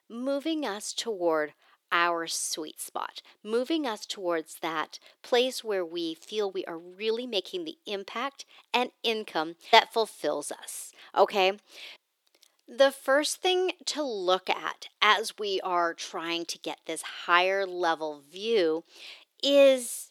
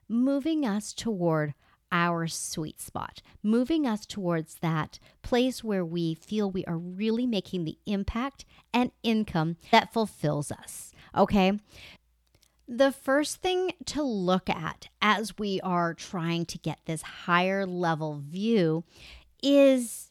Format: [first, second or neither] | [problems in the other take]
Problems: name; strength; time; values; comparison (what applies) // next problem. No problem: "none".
second | thin; somewhat; fading below 350 Hz